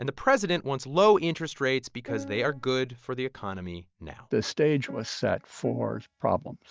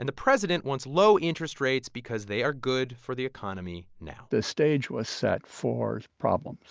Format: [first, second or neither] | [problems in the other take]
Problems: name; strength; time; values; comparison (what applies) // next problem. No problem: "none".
second | noise reduction (neural mask model DeepFilterNet 3)